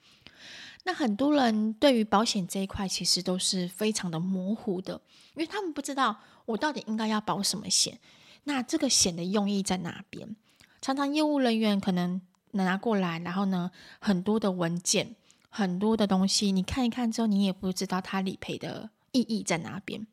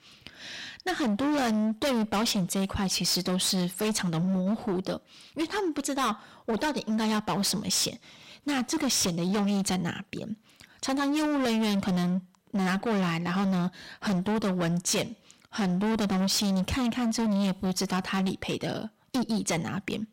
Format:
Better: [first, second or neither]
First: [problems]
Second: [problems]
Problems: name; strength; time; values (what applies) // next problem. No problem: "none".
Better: first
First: none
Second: distortion; heavy; 26% of the sound clipped